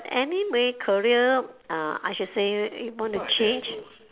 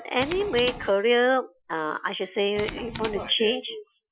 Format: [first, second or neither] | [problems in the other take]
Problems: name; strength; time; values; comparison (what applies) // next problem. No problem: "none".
first | noise reduction (classical method Wiener filter)